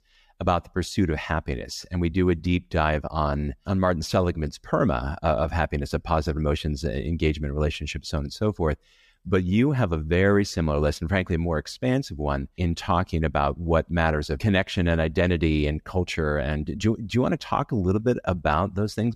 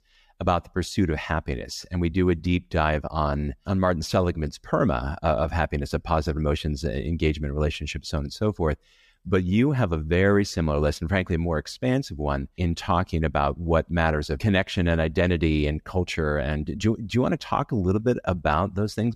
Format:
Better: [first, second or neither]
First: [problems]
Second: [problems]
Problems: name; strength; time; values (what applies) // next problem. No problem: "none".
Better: neither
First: none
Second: none